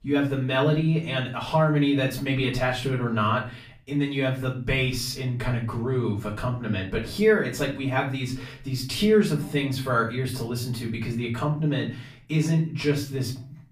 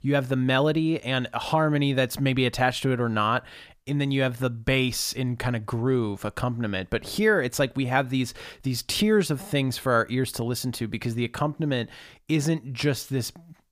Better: second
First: off-mic speech; far // room echo; slight; dies away in 0.4 s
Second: none

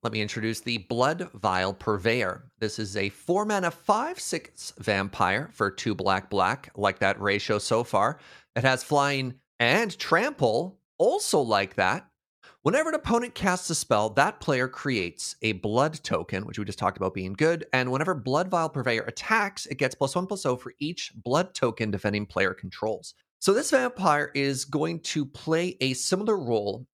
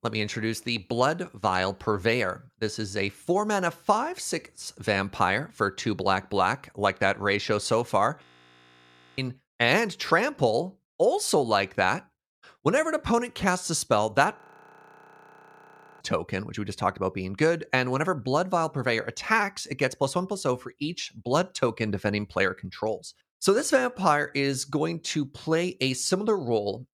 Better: first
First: none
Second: audio freezing; at 8 s for 1 s and at 14 s for 1.5 s

